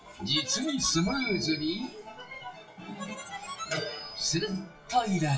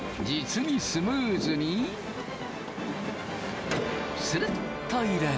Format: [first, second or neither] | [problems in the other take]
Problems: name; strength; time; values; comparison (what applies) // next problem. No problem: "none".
second | noise reduction (classical method WPE with log-MMSE)